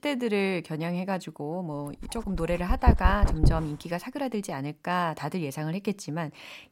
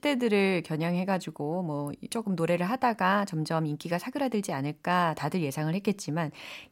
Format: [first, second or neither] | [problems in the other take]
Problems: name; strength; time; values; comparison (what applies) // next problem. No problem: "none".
second | dog barking; loud; from 2.5 to 3.5 s; peak 7 dB above the speech